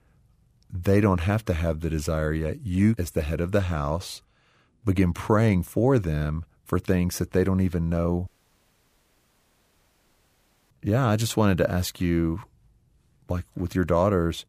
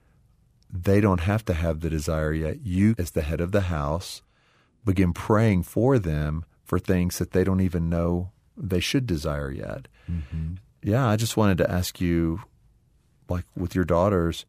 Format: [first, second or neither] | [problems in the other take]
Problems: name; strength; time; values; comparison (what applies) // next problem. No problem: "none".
second | audio cutting out; at 8.5 s for 2.5 s